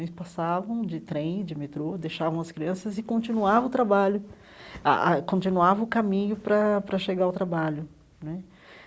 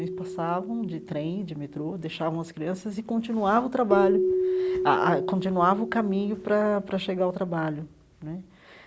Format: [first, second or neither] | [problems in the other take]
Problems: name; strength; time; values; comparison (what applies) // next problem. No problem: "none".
first | background sound (Keyboard (musical)); 5 dB below the speech